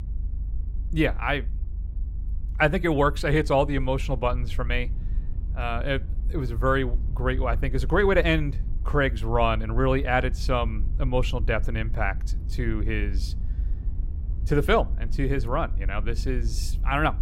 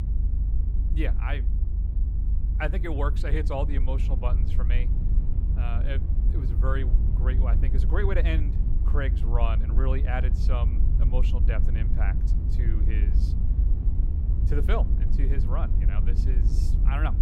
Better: first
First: low rumble; faint; throughout; 25 dB below the speech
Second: low rumble; loud; throughout; 8 dB below the speech

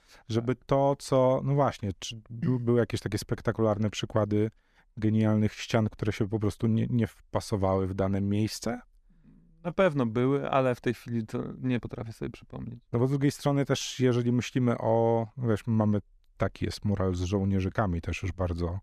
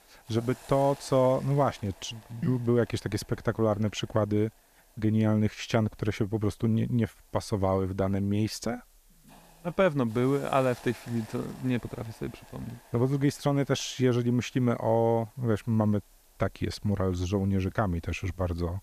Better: first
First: none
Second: hiss; faint; throughout; 25 dB below the speech

